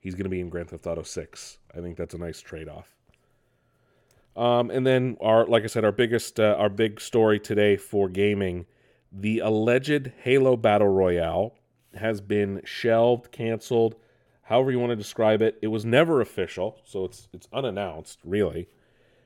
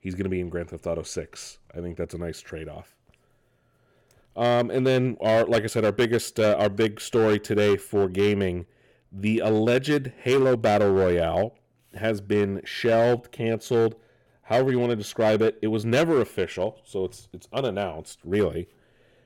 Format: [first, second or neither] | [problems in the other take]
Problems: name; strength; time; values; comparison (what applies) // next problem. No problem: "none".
first | distortion; slight; 6% of the sound clipped